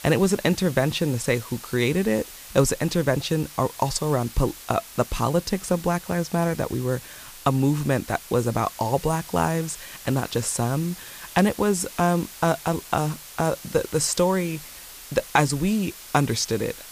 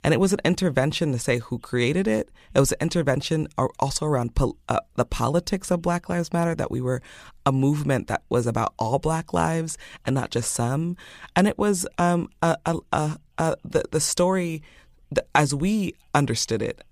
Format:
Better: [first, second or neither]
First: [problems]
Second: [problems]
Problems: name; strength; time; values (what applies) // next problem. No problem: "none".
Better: second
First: hiss; noticeable; throughout; 15 dB below the speech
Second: none